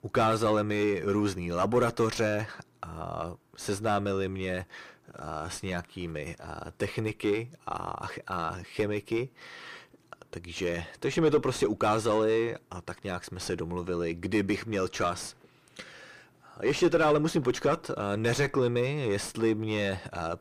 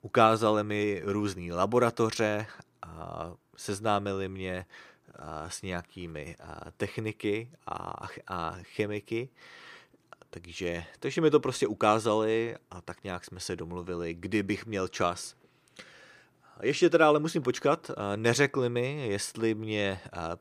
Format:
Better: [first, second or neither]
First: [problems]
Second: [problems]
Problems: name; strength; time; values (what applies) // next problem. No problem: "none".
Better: second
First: distortion; heavy; 7 dB below the speech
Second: none